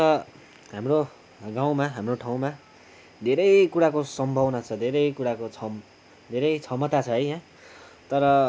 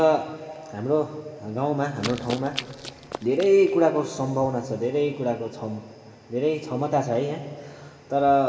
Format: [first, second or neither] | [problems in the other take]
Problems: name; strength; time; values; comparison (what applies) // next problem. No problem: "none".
first | background sound (Run); 13 dB below the speech // room echo; dies away in 2.7 s